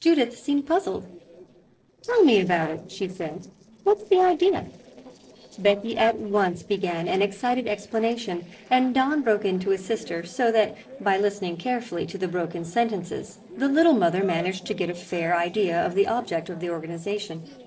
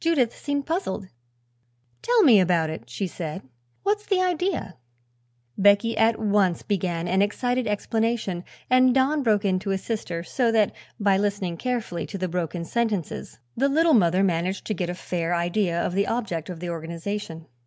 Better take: second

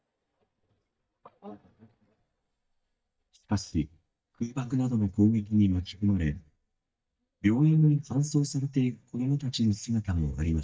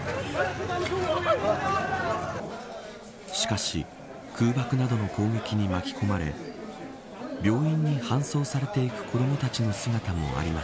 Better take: second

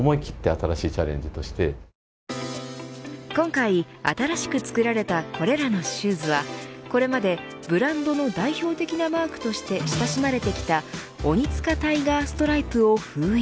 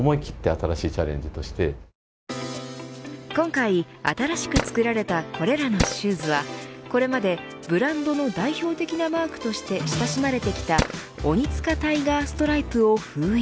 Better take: first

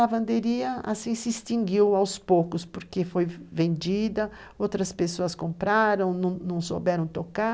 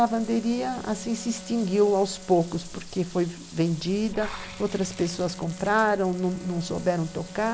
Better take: first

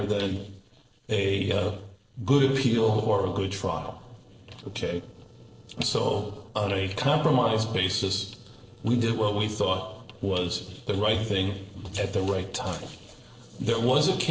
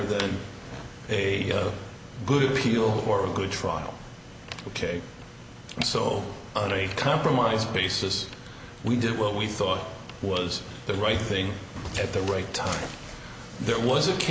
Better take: second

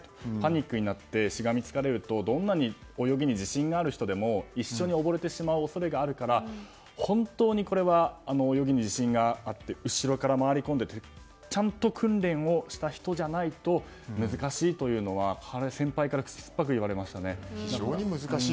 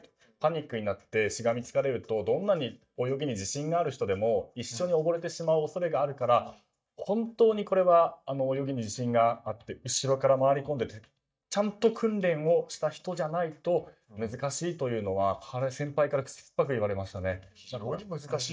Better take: first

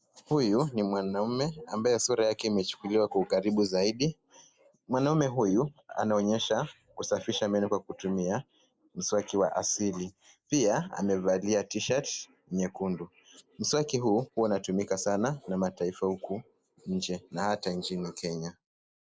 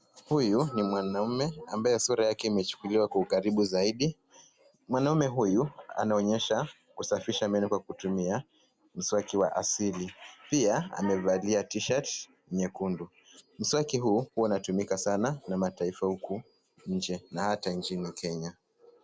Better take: second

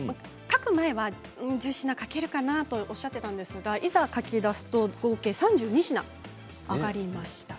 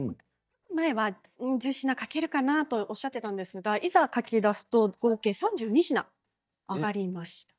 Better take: first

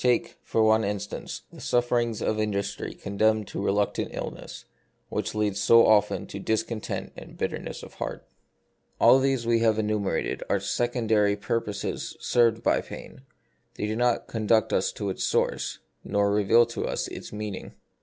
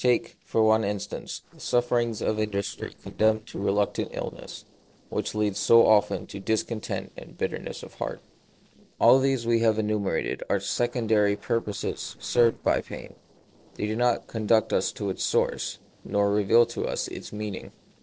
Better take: first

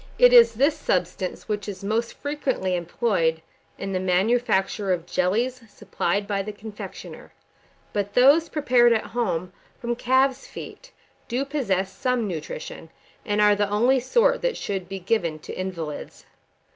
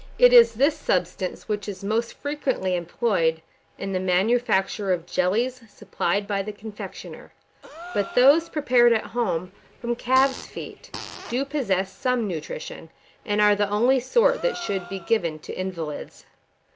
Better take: first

